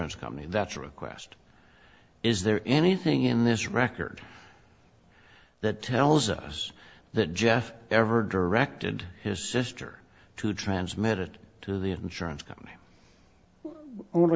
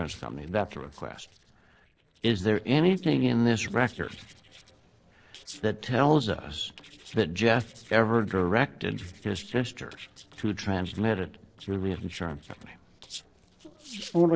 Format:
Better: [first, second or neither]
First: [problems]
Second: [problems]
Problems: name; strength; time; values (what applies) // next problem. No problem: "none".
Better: first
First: none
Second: noise reduction (neural separator model SepFormer DNS4)